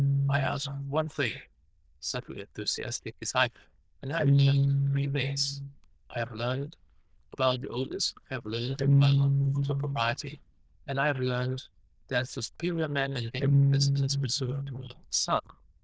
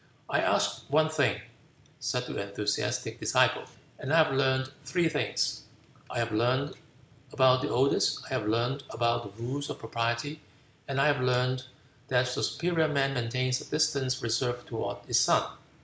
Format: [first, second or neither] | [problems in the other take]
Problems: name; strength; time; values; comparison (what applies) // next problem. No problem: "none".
second | noise reduction (neural diffusion model UNIVERSE++)